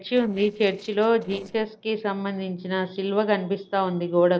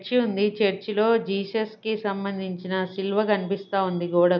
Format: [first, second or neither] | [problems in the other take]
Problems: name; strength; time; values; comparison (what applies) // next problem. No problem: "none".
second | noise reduction (neural separator model SepFormer DNS4)